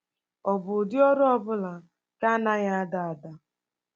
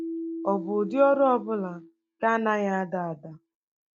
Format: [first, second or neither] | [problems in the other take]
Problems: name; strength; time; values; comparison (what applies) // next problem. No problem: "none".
first | noise reduction (neural mask model DeepFilterNet 3)